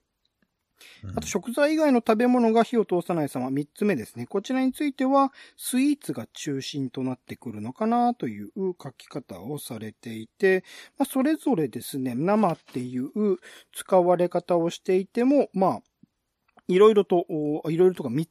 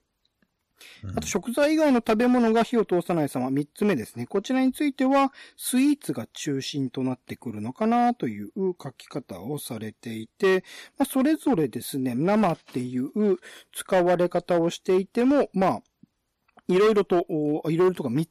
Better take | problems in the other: first | distortion; slight; 6% of the sound clipped

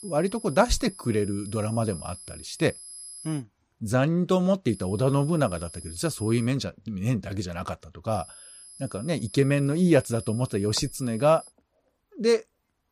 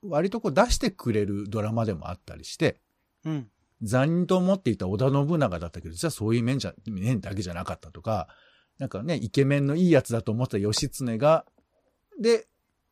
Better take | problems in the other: second | high-pitched whine; noticeable; until 3.5 s, from 4.5 to 6.5 s and from 8 to 11 s; 11 kHz, 15 dB below the speech

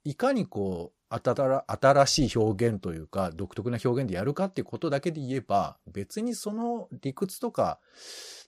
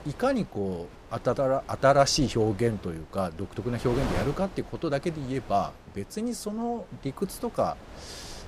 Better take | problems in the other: first | wind noise on the microphone; occasional gusts; 15 dB below the speech

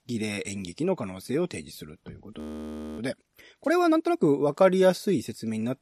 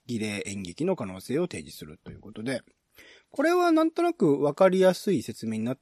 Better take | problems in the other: second | audio freezing; at 2.5 s for 0.5 s

